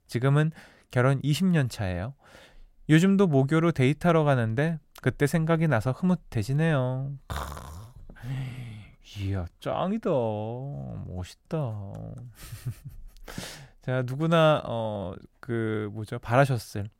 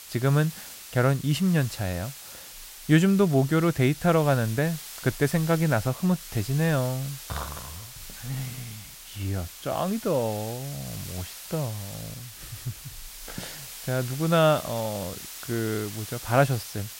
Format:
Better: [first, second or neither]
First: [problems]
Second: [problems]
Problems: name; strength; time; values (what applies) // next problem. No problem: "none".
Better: first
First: none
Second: hiss; noticeable; throughout; 15 dB below the speech